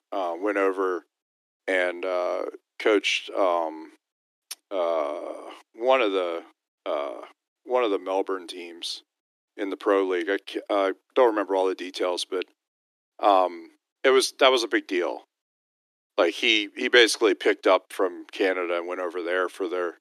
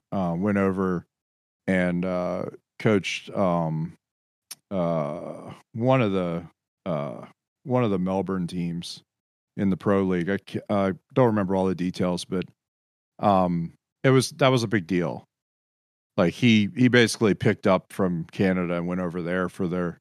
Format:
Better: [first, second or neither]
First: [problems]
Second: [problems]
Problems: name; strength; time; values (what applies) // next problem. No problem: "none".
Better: second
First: thin; very; fading below 300 Hz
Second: none